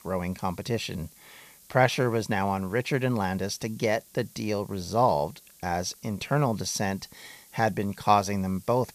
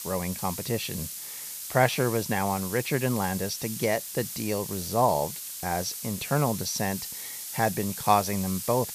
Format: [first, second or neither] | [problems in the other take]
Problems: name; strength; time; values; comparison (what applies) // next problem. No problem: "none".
first | hiss; loud; throughout; 7 dB below the speech; faint in the first